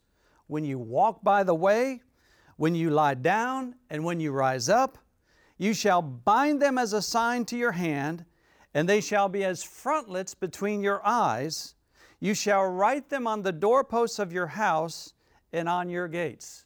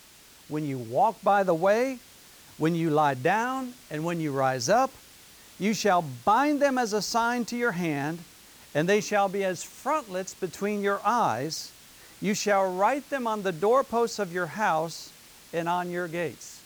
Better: first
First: none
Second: hiss; faint; throughout; 20 dB below the speech

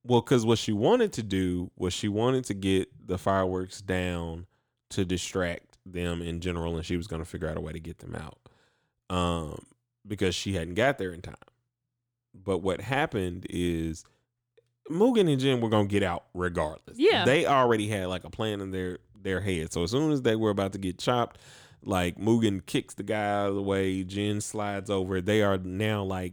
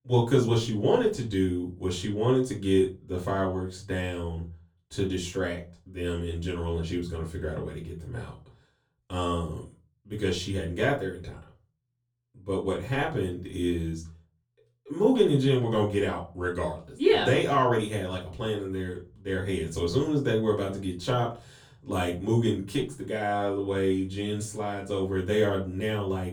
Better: first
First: none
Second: off-mic speech; far // room echo; very slight; dies away in 0.3 s

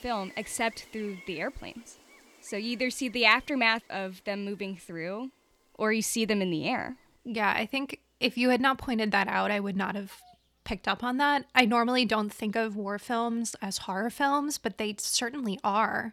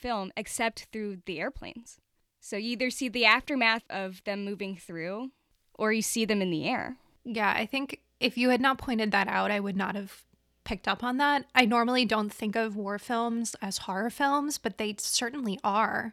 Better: second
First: animal sounds; faint; throughout; 25 dB below the speech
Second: none

